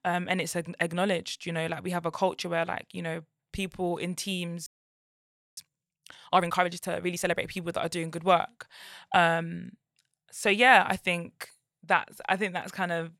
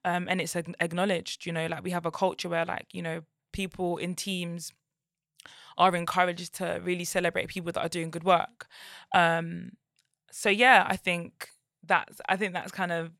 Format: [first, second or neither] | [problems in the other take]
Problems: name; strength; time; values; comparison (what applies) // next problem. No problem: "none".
second | audio freezing; at 4.5 s for 1 s